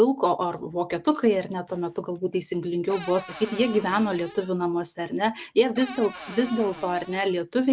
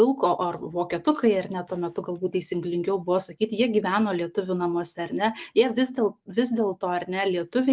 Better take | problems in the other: second | background sound (Cupboard open or close / Door); 16 dB below the speech

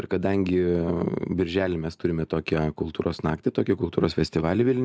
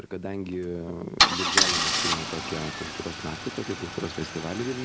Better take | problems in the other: first | background sound (Idling / Engine starting / Car); 5 dB above the speech

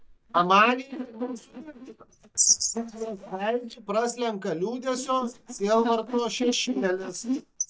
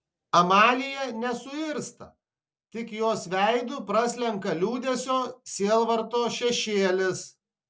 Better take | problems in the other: second | noise reduction (neural mask model DeepFilterNet 3)

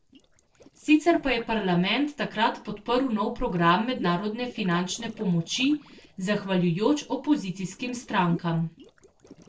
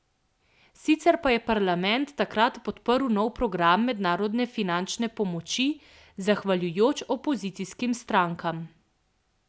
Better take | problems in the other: second | noise reduction (neural separator model SepFormer DNS4)

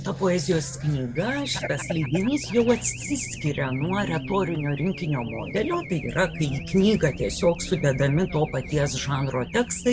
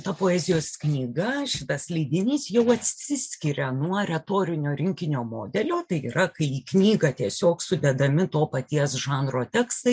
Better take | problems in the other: second | background sound (Race car, auto racing / Alarm); 10 dB below the speech

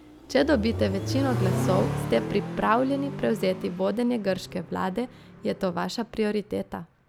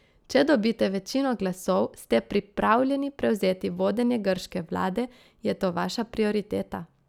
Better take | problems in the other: second | background sound (Accelerating, revving, vroom); 6 dB below the speech

